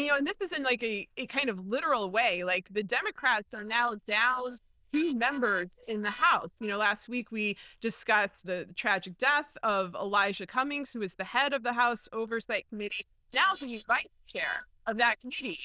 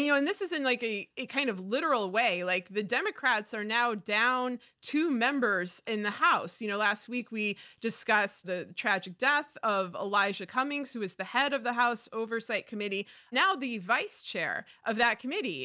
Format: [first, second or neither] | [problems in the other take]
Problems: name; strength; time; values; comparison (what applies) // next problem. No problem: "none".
second | noise reduction (neural diffusion model UNIVERSE++)